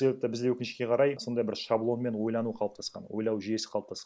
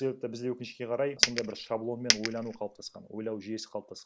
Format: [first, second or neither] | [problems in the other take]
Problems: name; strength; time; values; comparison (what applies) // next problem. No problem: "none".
first | background sound (Coin (dropping)); 5 dB above the speech